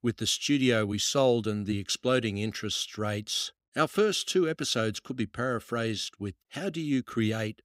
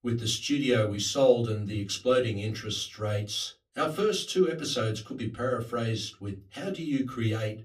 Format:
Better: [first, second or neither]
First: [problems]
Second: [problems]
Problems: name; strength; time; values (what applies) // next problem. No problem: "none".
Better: first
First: none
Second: off-mic speech; far // room echo; very slight; dies away in 0.3 s